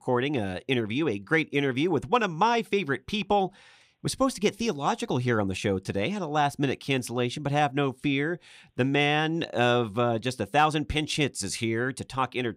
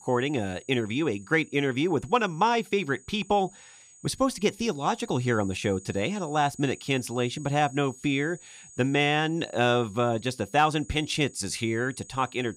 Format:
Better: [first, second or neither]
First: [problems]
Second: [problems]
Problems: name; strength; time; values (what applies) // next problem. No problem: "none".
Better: first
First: none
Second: high-pitched whine; faint; throughout; 7 kHz, 20 dB below the speech